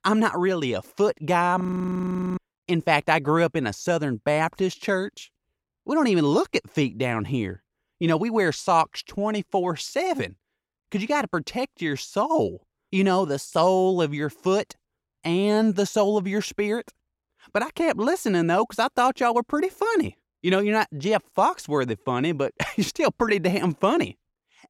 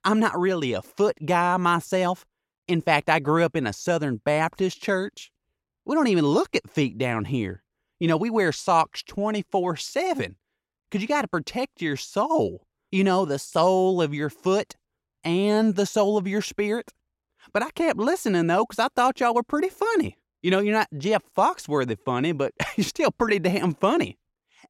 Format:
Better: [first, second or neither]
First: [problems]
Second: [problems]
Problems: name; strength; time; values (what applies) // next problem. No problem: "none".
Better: second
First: audio freezing; at 1.5 s for 1 s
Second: none